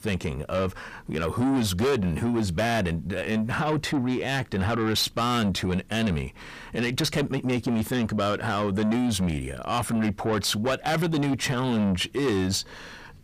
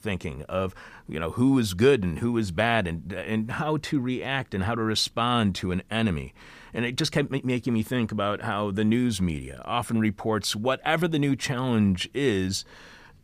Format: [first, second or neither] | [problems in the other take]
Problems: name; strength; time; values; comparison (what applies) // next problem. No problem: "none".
second | distortion; heavy; 7 dB below the speech